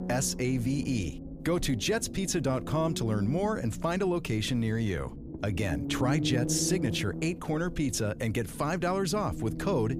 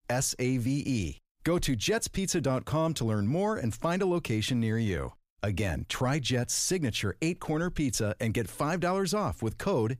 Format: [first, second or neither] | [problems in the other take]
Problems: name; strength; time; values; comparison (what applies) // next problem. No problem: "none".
second | low rumble; noticeable; throughout; 10 dB below the speech